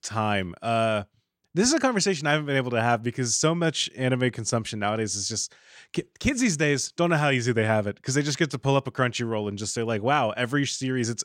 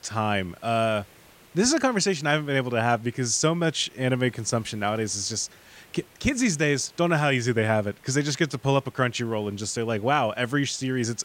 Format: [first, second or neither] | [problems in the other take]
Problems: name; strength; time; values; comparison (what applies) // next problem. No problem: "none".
first | hiss; faint; throughout; 30 dB below the speech